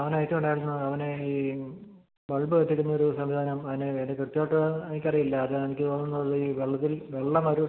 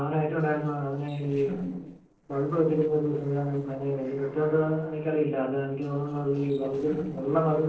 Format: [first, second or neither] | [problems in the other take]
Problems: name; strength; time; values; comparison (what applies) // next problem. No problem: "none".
first | noise reduction (neural separator model SepFormer DNS4)